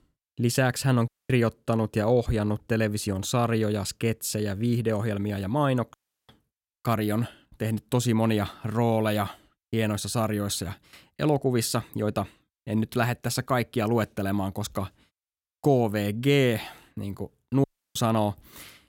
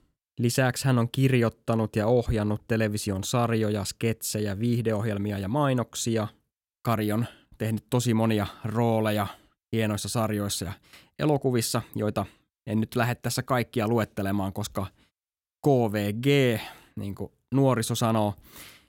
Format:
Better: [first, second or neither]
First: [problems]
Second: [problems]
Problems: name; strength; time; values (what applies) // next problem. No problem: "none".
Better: second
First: audio cutting out; at 1 s, at 6 s and at 18 s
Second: none